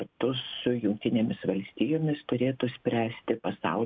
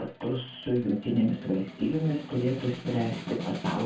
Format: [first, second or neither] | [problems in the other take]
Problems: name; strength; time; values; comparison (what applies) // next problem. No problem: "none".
first | background sound (Snare drum); 11 dB below the speech // room echo; dies away in 0.3 s